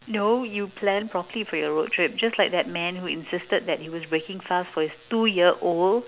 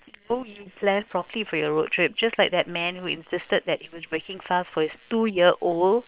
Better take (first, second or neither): first